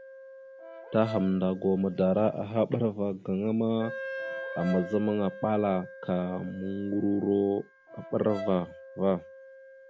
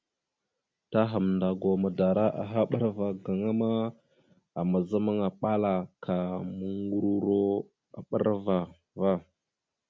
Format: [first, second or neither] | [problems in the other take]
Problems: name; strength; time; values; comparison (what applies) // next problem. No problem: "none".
second | background sound (Wind instrument, woodwind instrument + Brass instrument); 13 dB below the speech